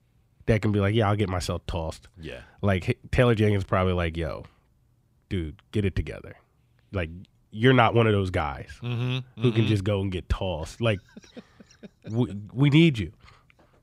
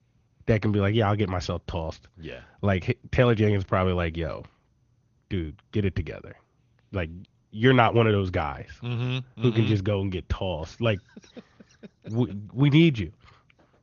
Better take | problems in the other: first | garbled, watery; slightly; nothing above 6.5 kHz

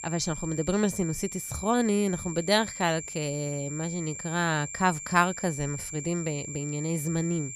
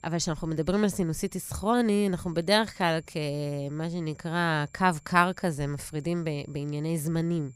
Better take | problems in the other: second | high-pitched whine; loud; throughout; 7.5 kHz, 8 dB below the speech; faint in the second

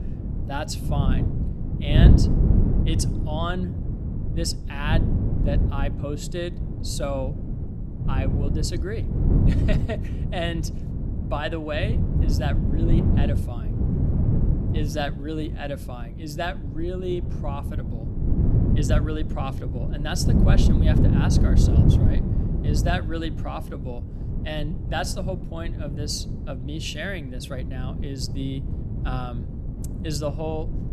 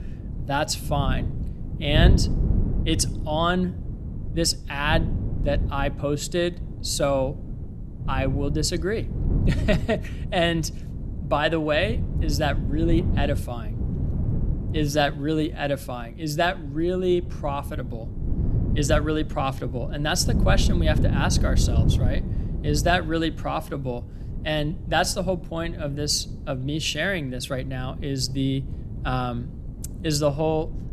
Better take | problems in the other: second | wind noise on the microphone; heavy; 3 dB below the speech; occasional gusts in the second

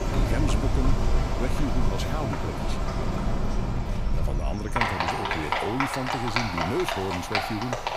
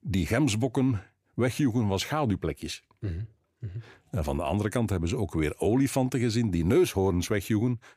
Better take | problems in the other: second | animal sounds; very loud; throughout; 4 dB above the speech

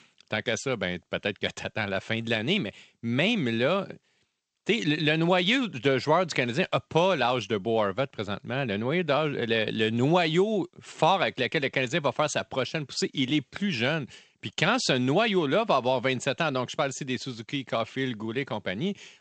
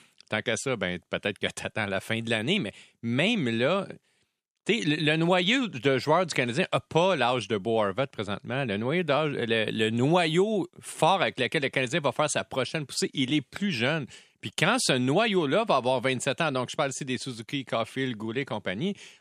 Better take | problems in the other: second | garbled, watery; slightly; nothing above 8 kHz

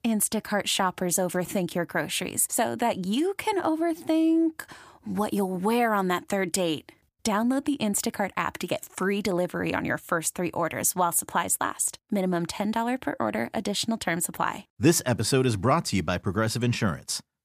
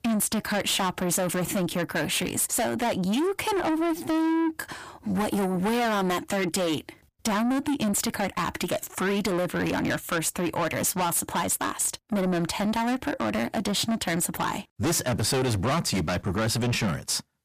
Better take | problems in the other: first | distortion; heavy; 6 dB below the speech

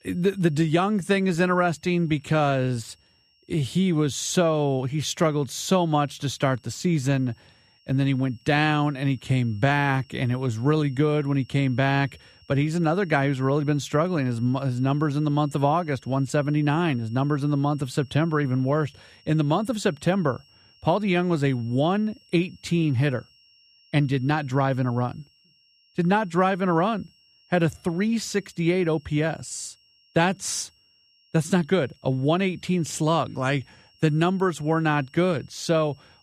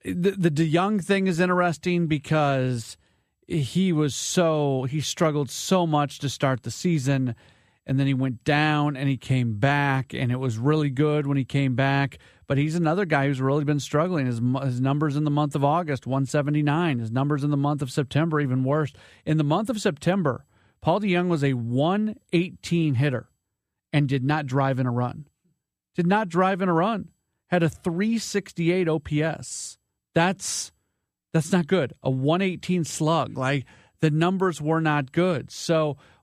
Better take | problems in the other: second | high-pitched whine; faint; throughout; 5.5 kHz, 30 dB below the speech

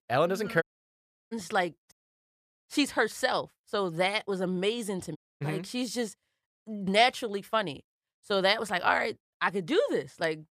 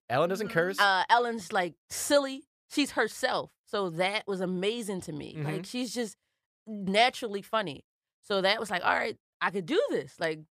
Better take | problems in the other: second | audio cutting out; at 0.5 s for 0.5 s, at 2 s for 0.5 s and at 5 s

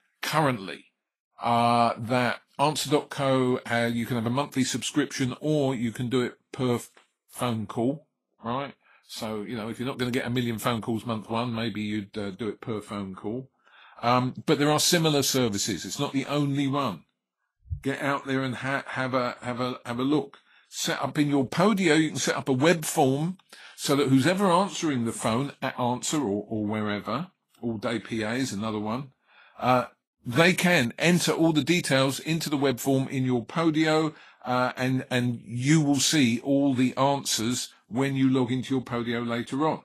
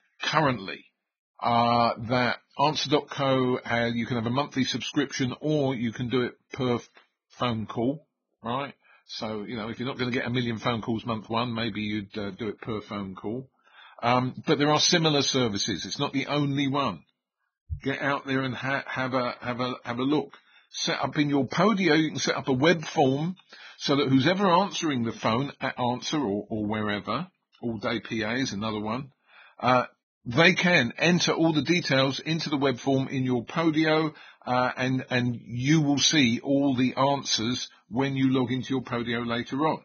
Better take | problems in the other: first | garbled, watery; badly; nothing above 6.5 kHz; slightly in the first

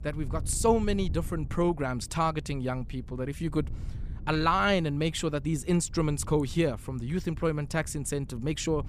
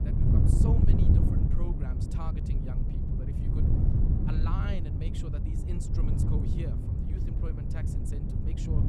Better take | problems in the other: first | wind noise on the microphone; heavy; 4 dB above the speech; occasional gusts in the first

